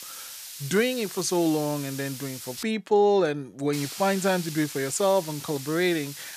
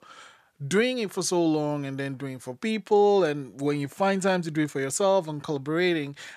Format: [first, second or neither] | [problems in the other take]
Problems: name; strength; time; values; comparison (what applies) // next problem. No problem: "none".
second | hiss; noticeable; until 2.5 s and from 3.5 s on; 10 dB below the speech